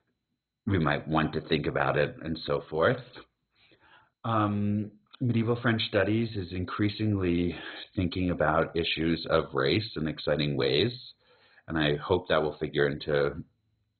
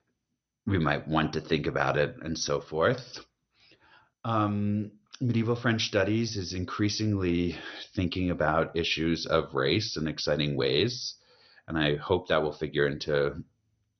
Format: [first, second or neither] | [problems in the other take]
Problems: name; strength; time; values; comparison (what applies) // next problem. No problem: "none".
second | garbled, watery; badly; nothing above 4 kHz; slightly in the second